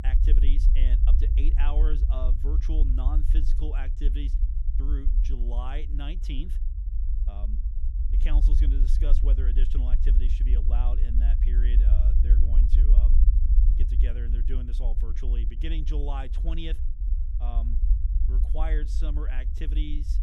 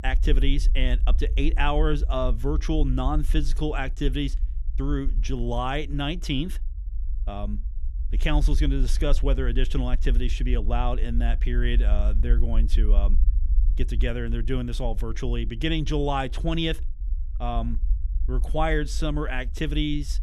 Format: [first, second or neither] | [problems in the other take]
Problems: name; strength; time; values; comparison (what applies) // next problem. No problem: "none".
second | low rumble; loud; throughout; 5 dB below the speech; faint in the second